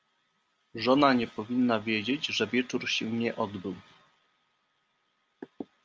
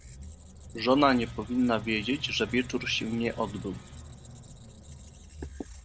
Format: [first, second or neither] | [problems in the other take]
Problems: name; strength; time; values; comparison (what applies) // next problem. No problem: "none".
first | background sound (Squeak); 14 dB below the speech